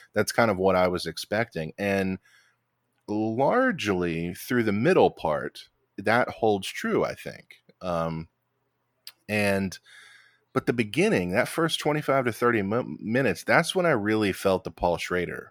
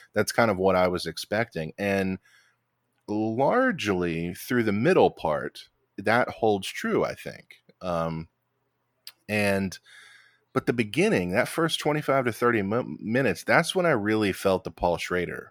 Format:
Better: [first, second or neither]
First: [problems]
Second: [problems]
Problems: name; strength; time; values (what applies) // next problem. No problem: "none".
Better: neither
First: none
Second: none